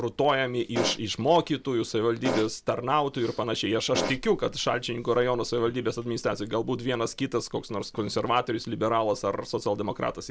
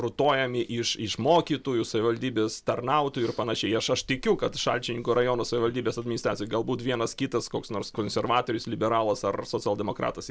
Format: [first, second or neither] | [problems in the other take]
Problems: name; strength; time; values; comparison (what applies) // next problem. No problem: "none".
second | background sound (Fart); 3 dB below the speech